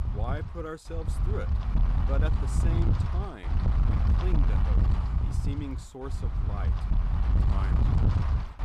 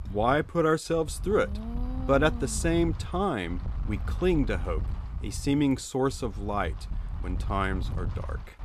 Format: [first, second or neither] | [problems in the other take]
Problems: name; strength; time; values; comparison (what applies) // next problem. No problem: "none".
second | wind noise on the microphone; heavy; 1 dB above the speech; occasional gusts in the second